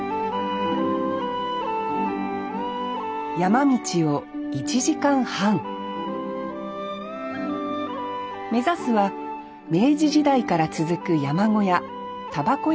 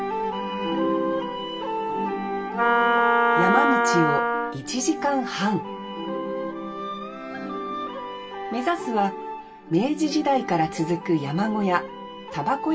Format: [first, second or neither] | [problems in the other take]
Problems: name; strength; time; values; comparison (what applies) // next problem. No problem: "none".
first | background sound (Wind instrument, woodwind instrument); 4 dB above the speech // room echo; dies away in 0.2 s